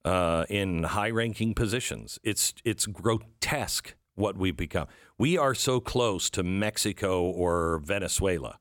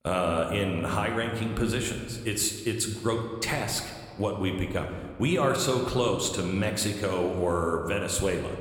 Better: first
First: none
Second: room echo; slight; dies away in 1.6 s

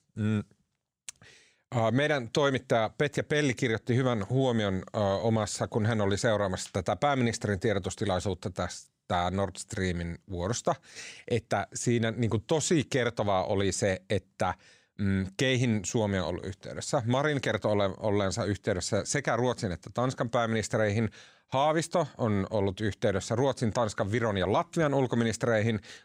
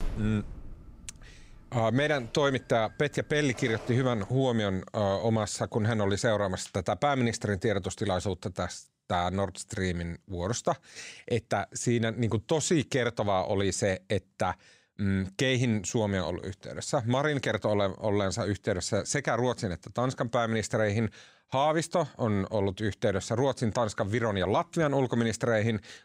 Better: first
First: none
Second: phone ringing; faint; until 4 s; peak 10 dB below the speech

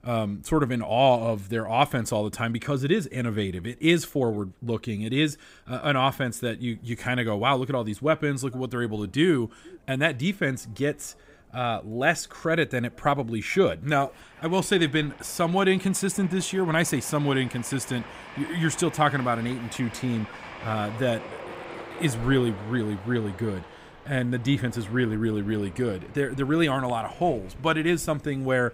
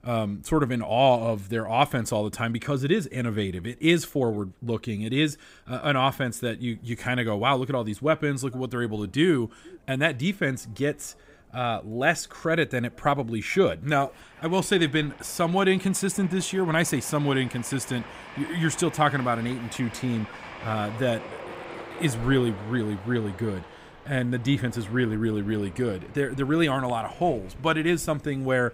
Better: neither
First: train or aircraft noise; noticeable; throughout; 15 dB below the speech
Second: train or aircraft noise; noticeable; throughout; 15 dB below the speech

